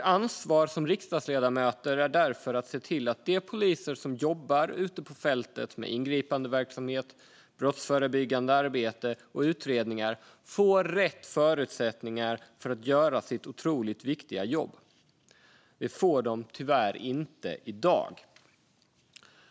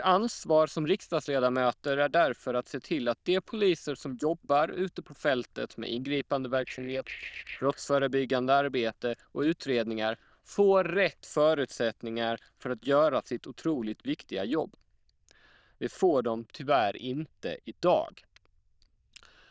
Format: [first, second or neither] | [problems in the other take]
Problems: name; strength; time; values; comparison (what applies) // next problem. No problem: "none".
first | noise reduction (neural diffusion model UNIVERSE++)